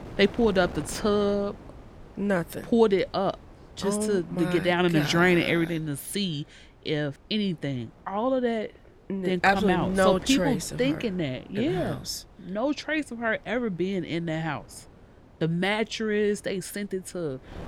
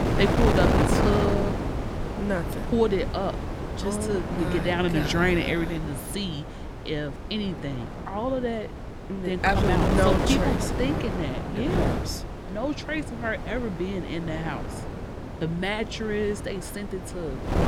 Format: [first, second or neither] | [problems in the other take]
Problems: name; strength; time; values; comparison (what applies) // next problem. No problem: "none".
first | wind noise on the microphone; heavy; 3 dB below the speech; occasional gusts in the first